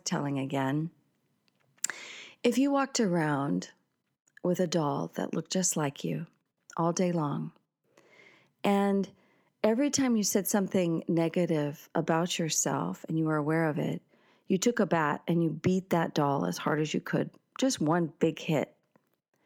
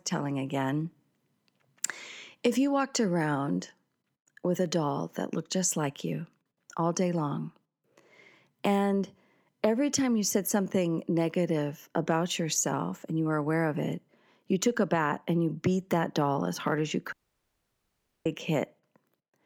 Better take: first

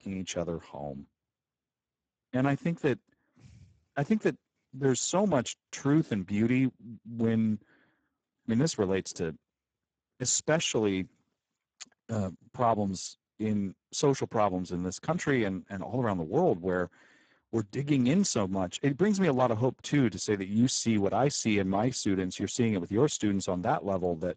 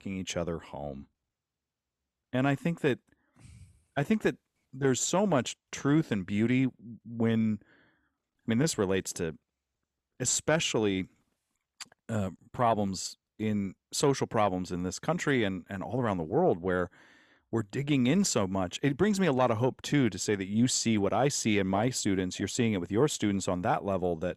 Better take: second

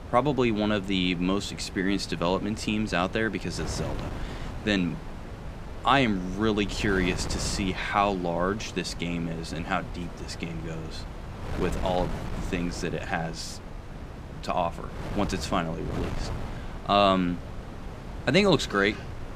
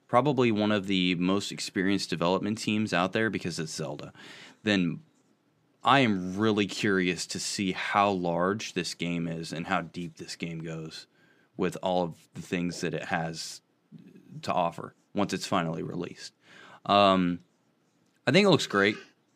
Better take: second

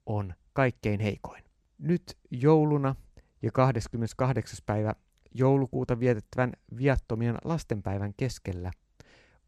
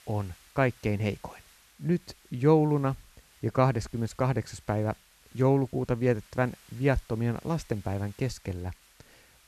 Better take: first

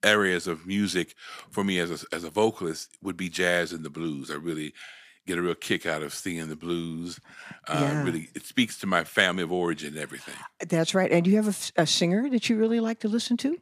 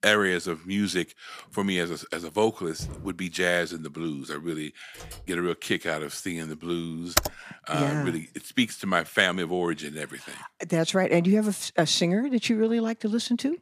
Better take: first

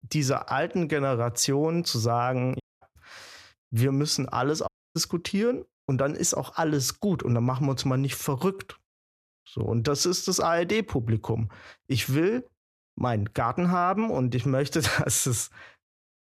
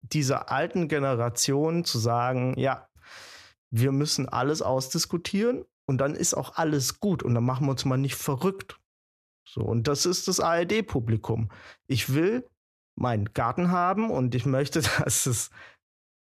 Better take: second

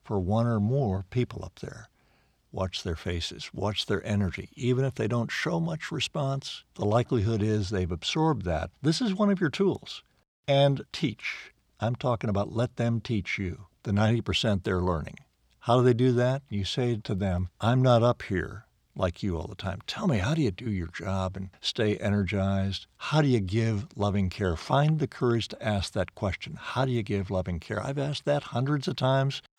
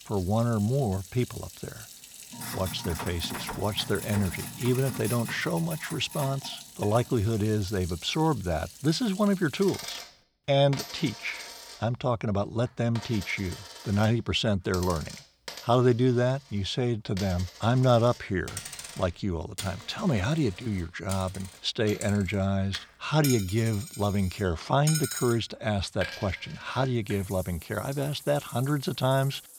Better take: first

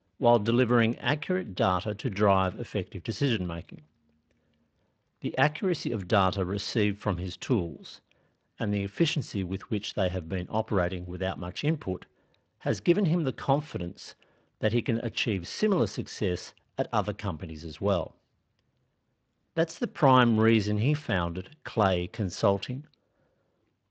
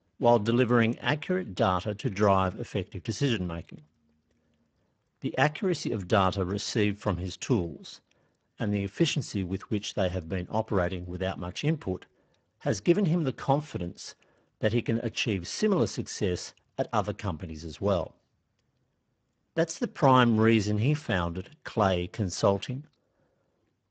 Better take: first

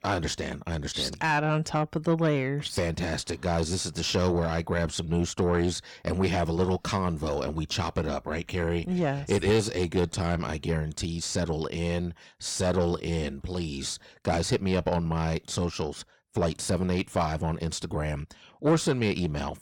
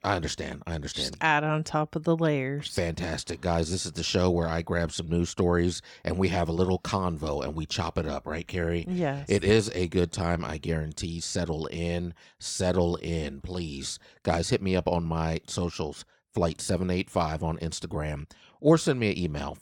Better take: second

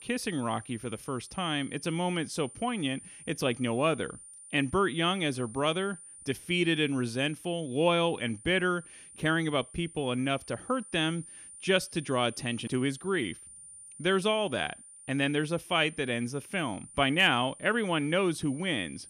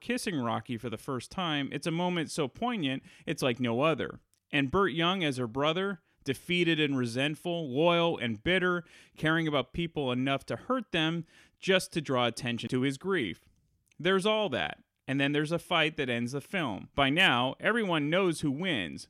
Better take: second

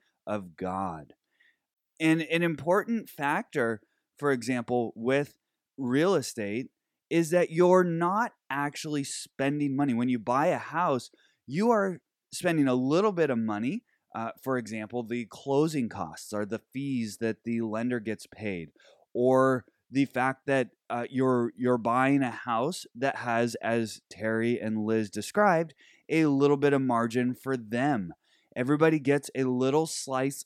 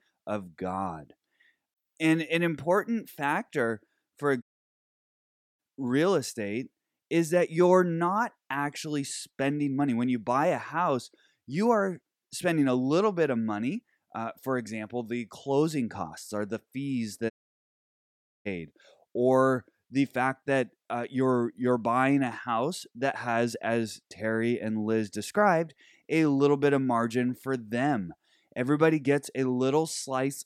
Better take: first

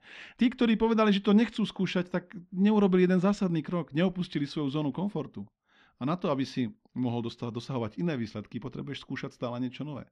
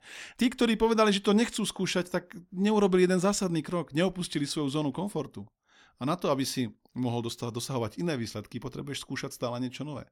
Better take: second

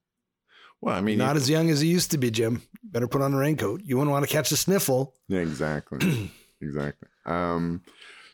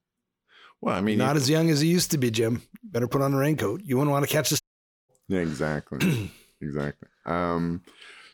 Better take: first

